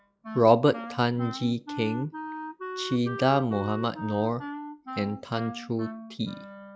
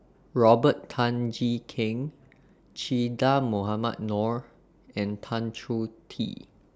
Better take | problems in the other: second | noise reduction (classical method log-MMSE)

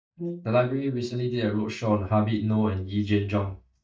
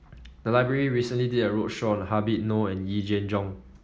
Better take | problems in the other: second | noise reduction (neural mask model DeepFilterNet 3)

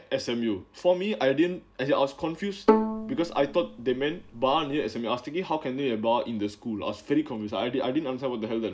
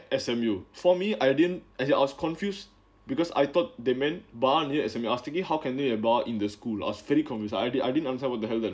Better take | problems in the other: second | background sound (Bowed string instrument); 1 dB below the speech

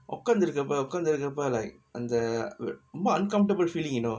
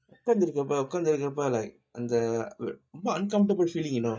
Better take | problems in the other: first | noise reduction (neural mask model DeepFilterNet 3)

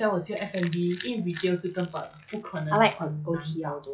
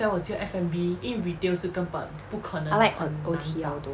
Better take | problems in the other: second | noise reduction (classical method log-MMSE)

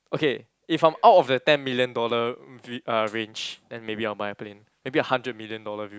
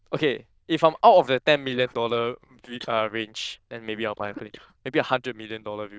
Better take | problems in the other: first | noise reduction (neural diffusion model UNIVERSE++)

